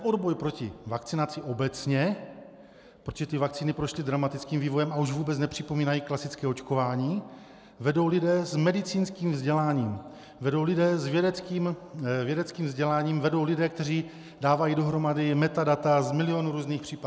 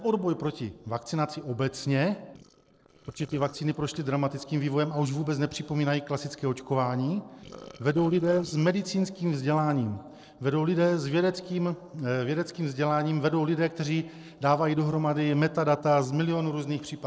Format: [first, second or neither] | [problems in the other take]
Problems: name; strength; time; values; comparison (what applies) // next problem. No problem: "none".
first | noise reduction (neural separator model SepFormer DNS4)